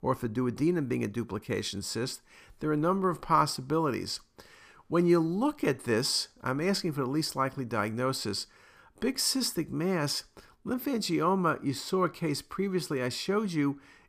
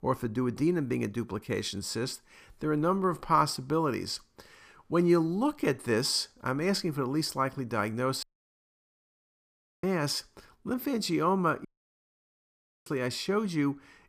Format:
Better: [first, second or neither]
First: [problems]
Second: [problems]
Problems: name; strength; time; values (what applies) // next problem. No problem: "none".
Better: first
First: none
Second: audio cutting out; at 8 s for 1.5 s and at 12 s for 1 s